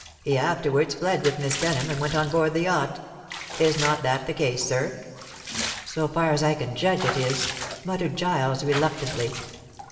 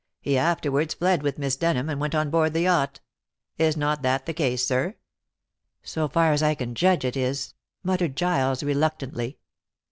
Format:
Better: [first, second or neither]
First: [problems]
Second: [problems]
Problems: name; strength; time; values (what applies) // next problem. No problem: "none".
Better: second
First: background sound (Bathtub (filling or washing) / Water / Liquid); 10 dB below the speech // room echo; dies away in 2.5 s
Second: none